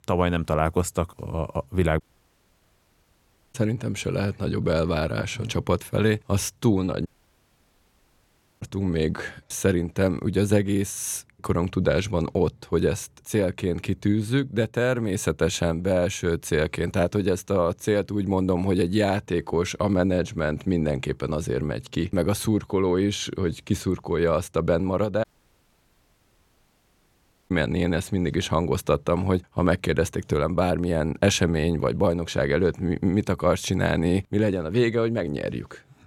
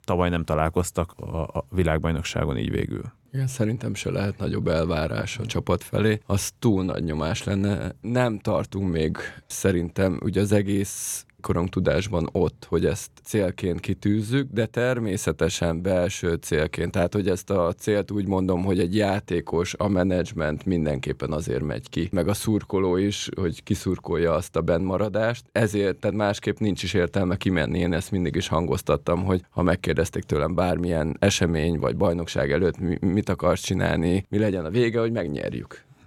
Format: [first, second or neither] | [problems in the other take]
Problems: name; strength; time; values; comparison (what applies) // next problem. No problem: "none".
second | audio cutting out; at 2 s for 1.5 s, at 7 s for 1.5 s and at 25 s for 2.5 s